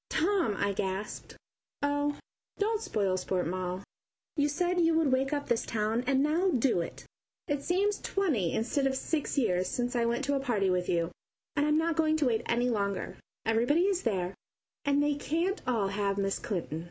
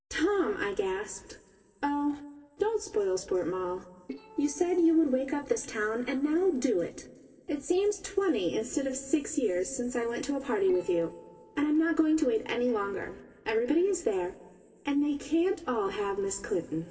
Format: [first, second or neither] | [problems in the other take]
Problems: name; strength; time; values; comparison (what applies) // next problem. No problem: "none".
first | noise reduction (neural separator model SepFormer DNS4)